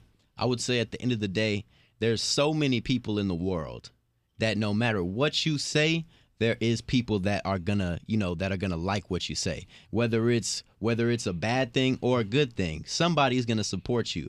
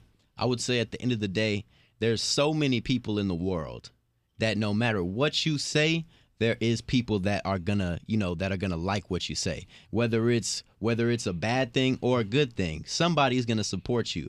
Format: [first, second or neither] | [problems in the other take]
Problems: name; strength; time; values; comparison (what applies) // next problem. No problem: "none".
neither | none